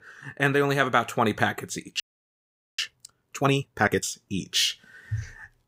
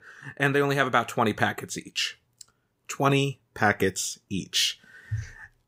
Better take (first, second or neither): second